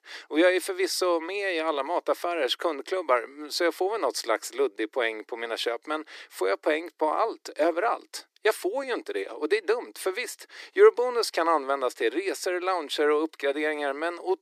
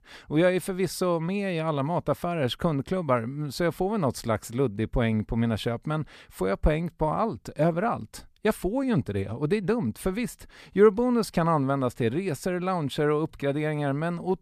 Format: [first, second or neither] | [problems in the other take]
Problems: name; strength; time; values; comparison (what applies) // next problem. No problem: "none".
second | thin; very; fading below 300 Hz